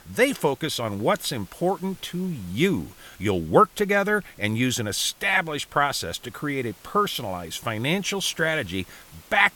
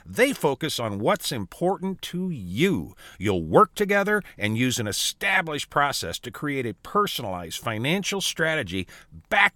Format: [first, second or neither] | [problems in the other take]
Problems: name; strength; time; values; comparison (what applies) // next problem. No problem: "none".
second | hiss; faint; throughout; 25 dB below the speech